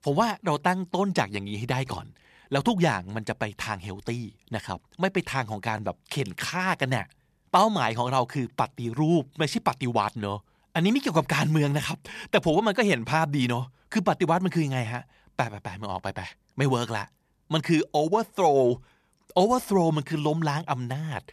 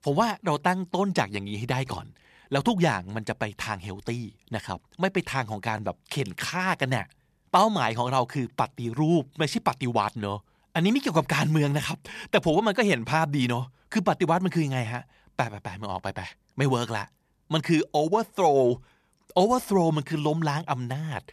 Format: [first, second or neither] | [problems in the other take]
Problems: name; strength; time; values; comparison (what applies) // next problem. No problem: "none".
neither | none